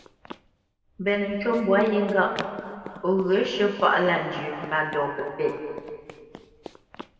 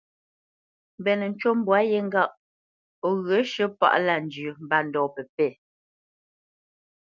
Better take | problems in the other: second | background sound (Run); 18 dB below the speech // room echo; dies away in 2.2 s

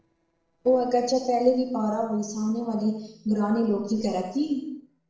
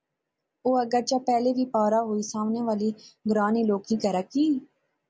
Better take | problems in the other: second | noise reduction (neural separator model SepFormer DNS4)

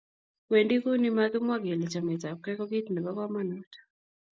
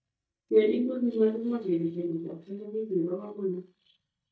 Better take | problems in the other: first | noise reduction (neural mask model DeepFilterNet 3)

